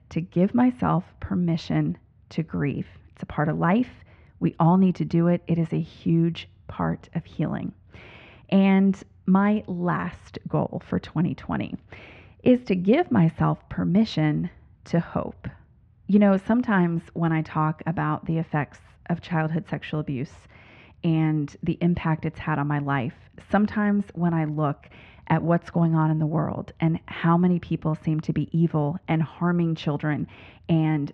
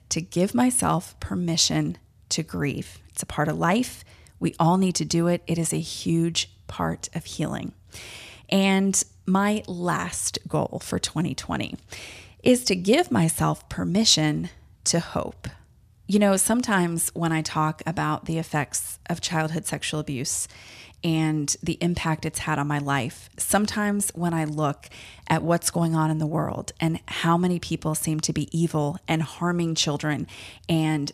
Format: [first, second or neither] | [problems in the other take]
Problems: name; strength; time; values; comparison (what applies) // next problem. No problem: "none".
second | muffled; very; fading above 2.5 kHz